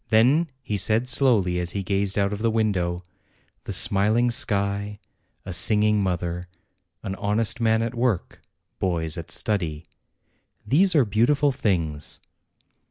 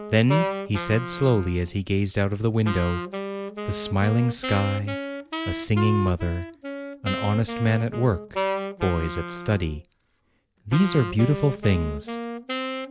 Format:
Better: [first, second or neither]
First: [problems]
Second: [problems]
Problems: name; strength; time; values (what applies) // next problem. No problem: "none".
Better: first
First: none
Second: background sound (Wind instrument, woodwind instrument); 7 dB below the speech